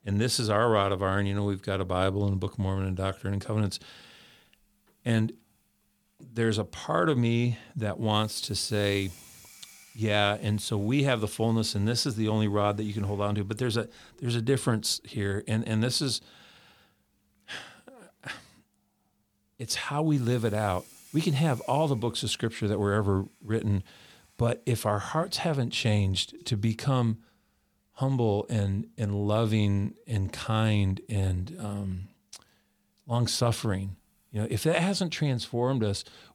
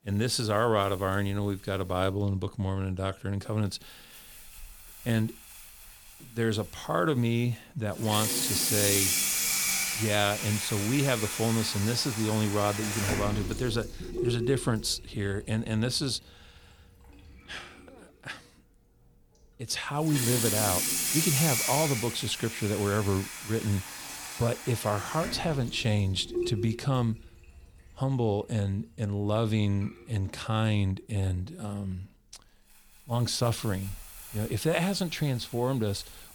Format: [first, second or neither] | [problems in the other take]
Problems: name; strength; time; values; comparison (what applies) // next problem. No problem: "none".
first | household noises; loud; throughout; 1 dB below the speech; faint in the first